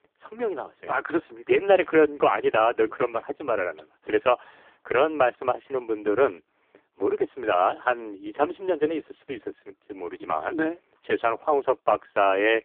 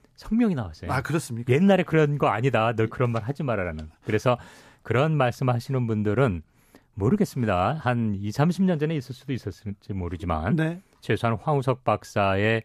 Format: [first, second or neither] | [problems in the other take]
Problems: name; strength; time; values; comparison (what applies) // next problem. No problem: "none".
second | phone-call audio; poor line